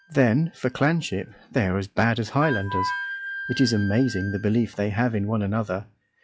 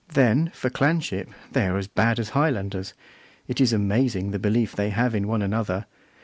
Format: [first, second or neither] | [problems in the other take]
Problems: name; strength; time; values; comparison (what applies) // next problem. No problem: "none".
second | noise reduction (classical method log-MMSE)